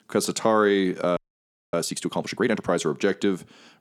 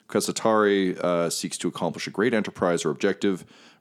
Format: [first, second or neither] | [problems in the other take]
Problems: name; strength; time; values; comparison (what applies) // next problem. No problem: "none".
second | audio freezing; at 1 s for 0.5 s